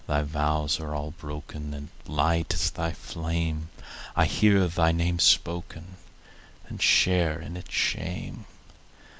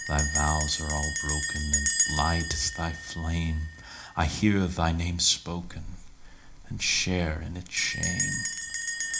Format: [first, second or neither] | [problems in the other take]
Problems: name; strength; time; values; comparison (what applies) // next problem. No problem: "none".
first | background sound (Bell); 4 dB below the speech // room echo; dies away in 0.4 s